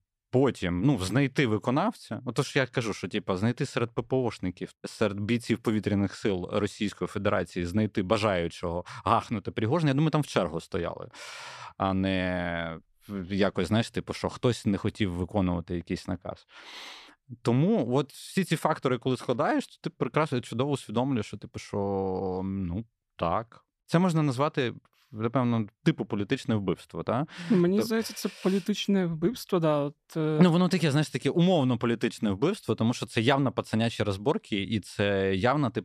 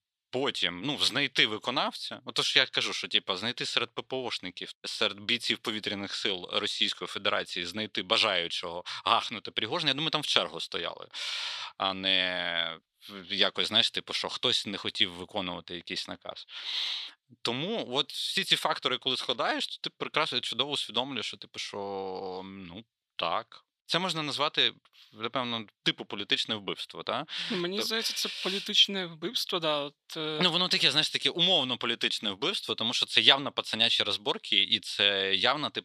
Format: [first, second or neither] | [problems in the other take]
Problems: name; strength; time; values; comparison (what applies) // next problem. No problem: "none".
first | thin; somewhat; fading below 800 Hz